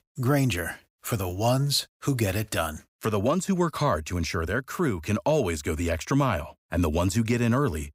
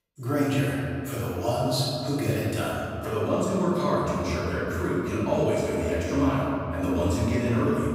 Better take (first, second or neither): first